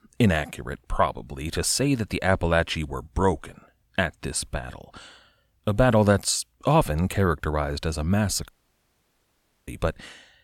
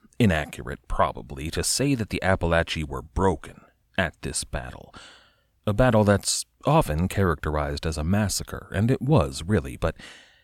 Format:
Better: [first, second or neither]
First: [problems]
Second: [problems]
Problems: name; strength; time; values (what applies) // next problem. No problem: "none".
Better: second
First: audio cutting out; at 8.5 s for 1 s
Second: none